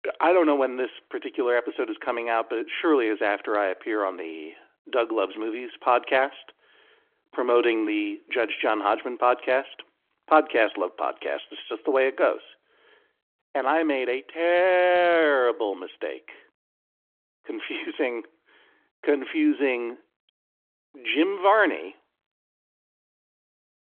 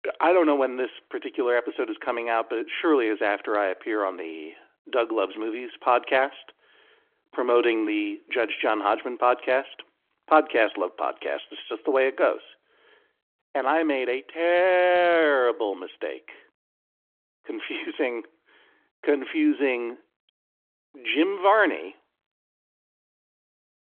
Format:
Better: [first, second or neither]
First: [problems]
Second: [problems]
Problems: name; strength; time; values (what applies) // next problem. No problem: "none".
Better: neither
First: phone-call audio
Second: phone-call audio